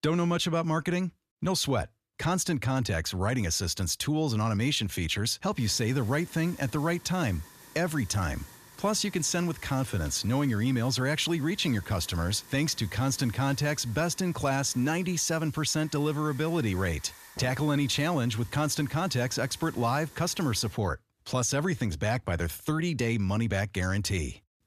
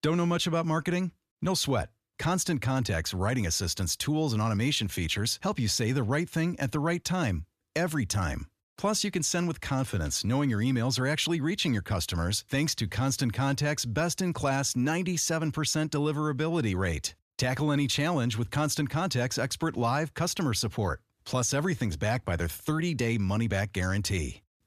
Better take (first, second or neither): second